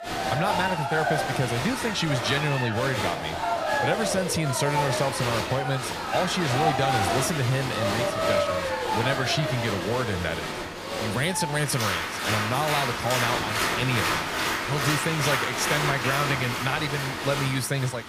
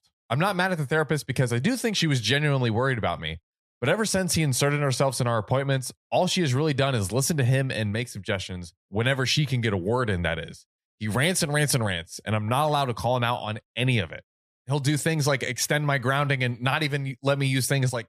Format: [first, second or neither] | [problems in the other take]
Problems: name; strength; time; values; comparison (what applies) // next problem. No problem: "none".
second | crowd noise; very loud; throughout; 1 dB above the speech